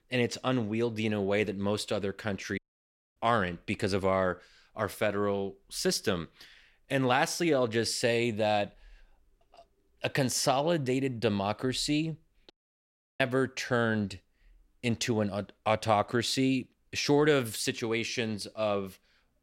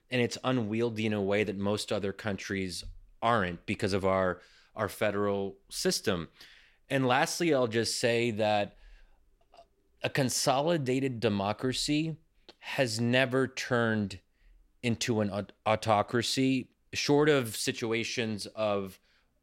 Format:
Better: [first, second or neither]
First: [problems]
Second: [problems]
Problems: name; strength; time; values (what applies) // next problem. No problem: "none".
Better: second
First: audio cutting out; at 2.5 s for 0.5 s and at 13 s for 0.5 s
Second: none